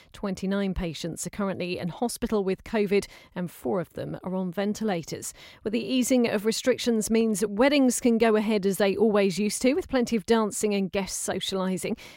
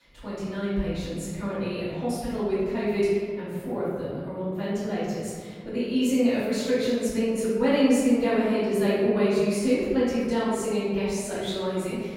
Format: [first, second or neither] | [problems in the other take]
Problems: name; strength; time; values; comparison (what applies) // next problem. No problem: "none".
first | off-mic speech; far // room echo; strong; dies away in 1.7 s